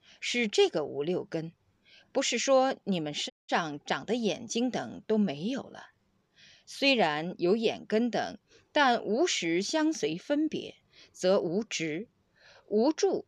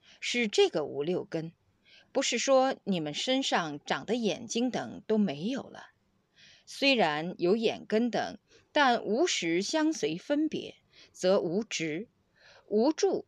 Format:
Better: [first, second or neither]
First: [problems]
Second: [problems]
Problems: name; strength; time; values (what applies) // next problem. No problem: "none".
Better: second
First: audio cutting out; at 3.5 s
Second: none